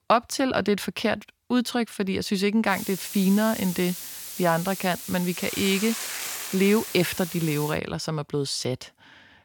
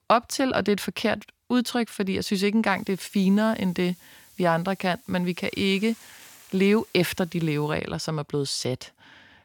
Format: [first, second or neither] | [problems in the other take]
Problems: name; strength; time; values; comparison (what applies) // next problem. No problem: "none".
second | hiss; loud; from 2.5 to 7.5 s; 8 dB below the speech; faint in the second